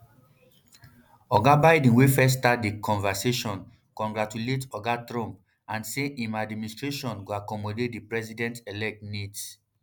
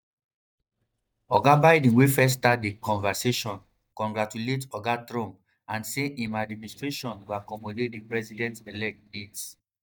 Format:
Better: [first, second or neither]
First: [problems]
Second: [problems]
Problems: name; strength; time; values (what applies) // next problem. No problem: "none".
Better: first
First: none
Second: noise reduction (neural mask model DeepFilterNet 3)